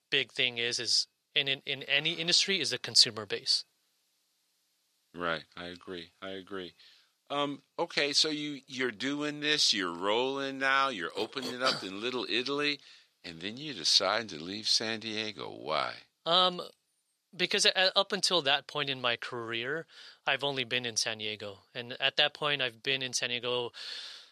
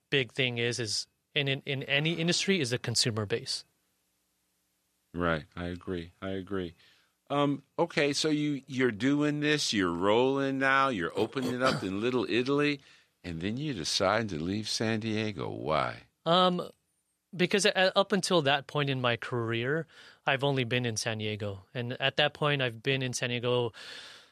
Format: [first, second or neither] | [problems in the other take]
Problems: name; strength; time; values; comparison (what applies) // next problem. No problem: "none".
second | thin; very slightly; fading below 950 Hz